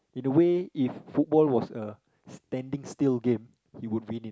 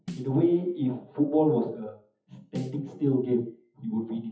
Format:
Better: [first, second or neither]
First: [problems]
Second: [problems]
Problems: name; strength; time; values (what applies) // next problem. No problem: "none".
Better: first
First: none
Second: noise reduction (classical method WPE with log-MMSE)